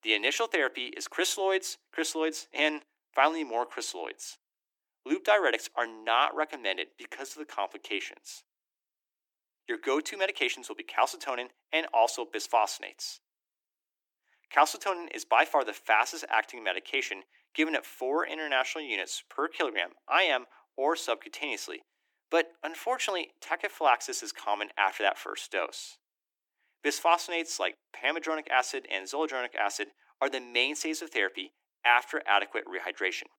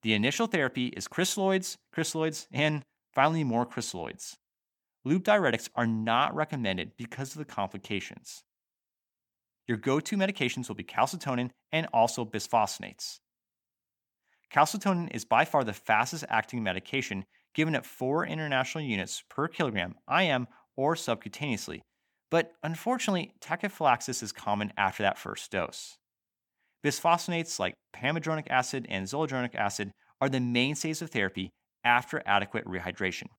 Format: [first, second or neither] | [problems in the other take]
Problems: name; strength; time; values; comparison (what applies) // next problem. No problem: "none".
second | thin; very; fading below 300 Hz